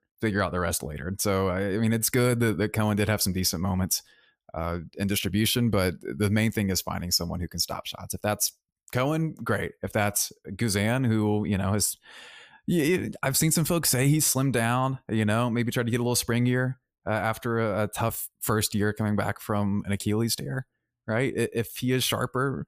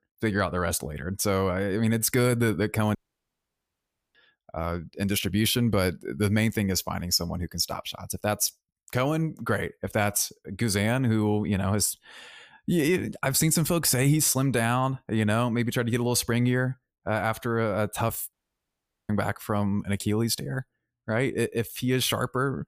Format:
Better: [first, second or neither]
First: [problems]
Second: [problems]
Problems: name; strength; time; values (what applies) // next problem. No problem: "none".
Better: first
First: none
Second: audio cutting out; at 3 s for 1 s and at 18 s for 1 s